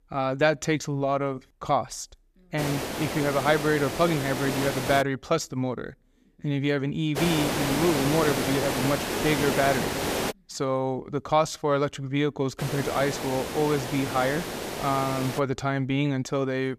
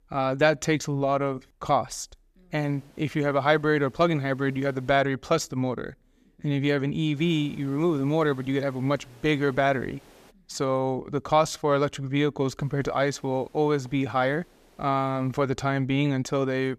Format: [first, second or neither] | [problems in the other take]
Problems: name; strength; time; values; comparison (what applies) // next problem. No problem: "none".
second | hiss; loud; from 2.5 to 5 s, from 7 to 10 s and from 13 to 15 s; 3 dB below the speech; faint in the second